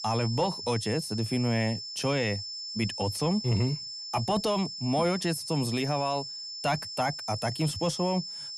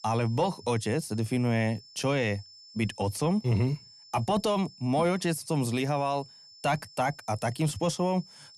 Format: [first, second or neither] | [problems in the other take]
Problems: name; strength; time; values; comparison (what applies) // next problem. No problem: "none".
second | high-pitched whine; loud; throughout; 5.5 kHz, 6 dB below the speech; faint in the second